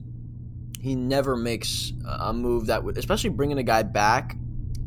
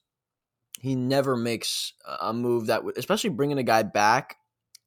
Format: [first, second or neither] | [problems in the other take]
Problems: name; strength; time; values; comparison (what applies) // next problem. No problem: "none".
second | low rumble; faint; throughout; 25 dB below the speech